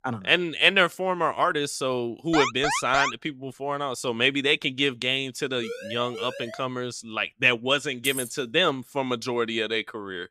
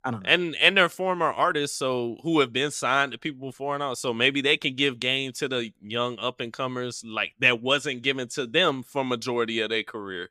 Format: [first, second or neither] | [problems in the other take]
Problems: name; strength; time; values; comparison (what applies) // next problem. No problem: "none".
second | alarm; noticeable; at 2.5 s; peak 1 dB below the speech // siren; faint; from 5.5 to 6.5 s; peak 10 dB below the speech // jangling keys; noticeable; at 8 s; peak 7 dB below the speech